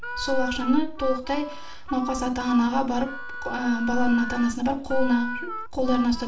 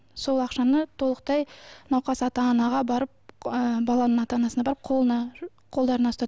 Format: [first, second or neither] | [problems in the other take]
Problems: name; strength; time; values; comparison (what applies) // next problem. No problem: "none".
second | background sound (Harmonica); 11 dB below the speech // room echo; dies away in 0.4 s